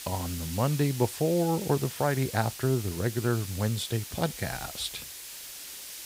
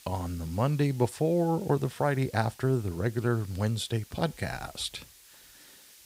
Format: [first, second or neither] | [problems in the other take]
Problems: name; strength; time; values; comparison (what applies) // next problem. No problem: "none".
second | hiss; loud; throughout; 9 dB below the speech; faint in the second